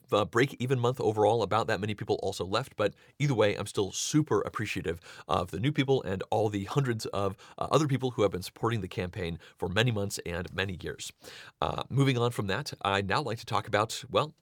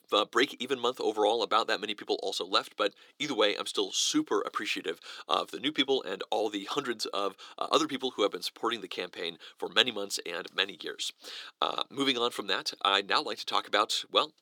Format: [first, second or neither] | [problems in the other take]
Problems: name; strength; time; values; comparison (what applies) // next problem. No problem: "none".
first | thin; somewhat; fading below 300 Hz